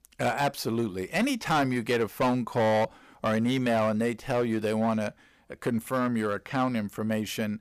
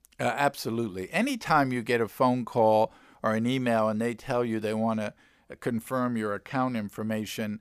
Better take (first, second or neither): second